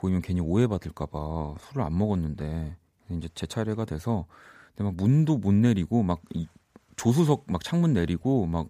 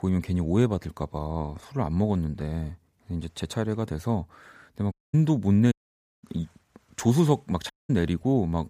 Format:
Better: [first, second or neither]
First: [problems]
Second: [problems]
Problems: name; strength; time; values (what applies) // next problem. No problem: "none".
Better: first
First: none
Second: audio cutting out; at 5 s, at 5.5 s for 0.5 s and at 7.5 s